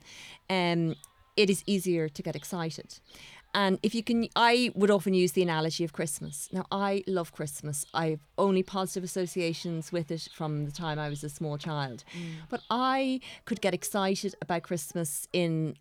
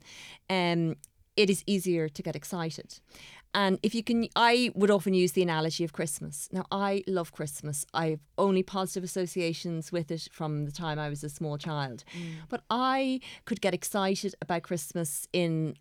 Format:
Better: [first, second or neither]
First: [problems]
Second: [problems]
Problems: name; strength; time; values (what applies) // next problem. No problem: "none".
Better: second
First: animal sounds; faint; throughout; 30 dB below the speech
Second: none